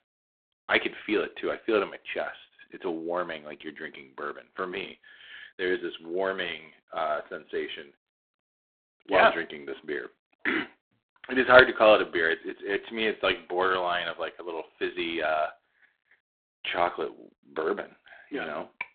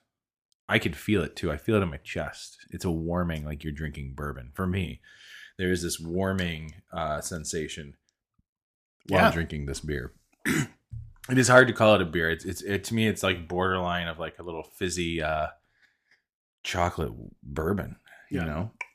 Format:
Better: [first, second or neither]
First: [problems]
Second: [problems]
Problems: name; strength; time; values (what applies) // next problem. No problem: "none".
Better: second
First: phone-call audio; poor line; nothing above 4 kHz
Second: none